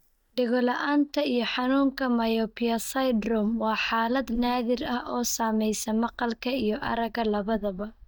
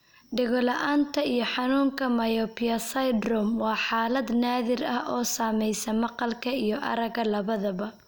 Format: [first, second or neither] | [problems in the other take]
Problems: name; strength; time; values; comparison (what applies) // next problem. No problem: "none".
second | noise reduction (neural mask model DeepFilterNet 3)